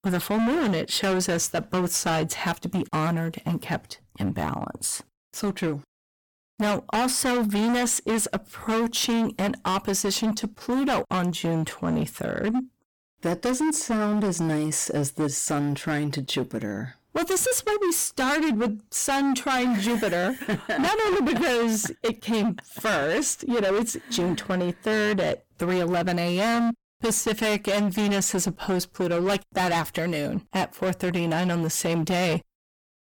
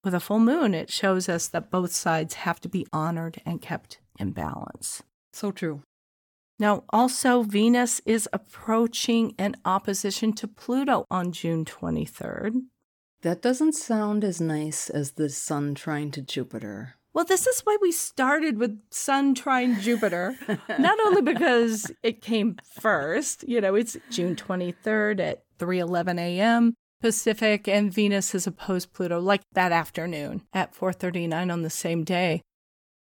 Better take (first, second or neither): second